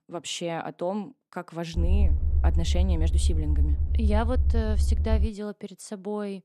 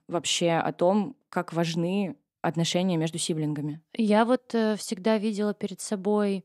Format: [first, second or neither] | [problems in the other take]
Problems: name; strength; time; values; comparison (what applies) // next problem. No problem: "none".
second | low rumble; noticeable; from 2 to 5.5 s; 10 dB below the speech